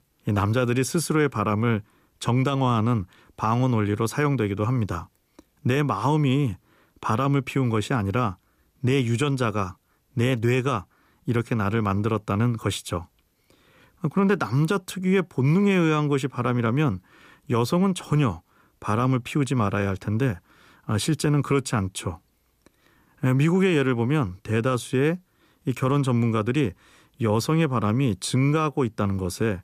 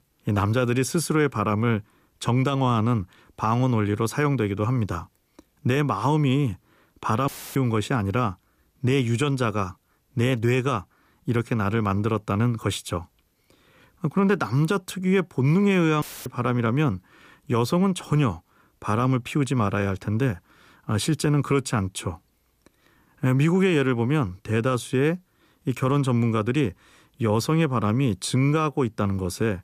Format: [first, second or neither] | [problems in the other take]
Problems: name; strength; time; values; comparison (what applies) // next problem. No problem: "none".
first | audio cutting out; filled with static; at 7.5 s and at 16 s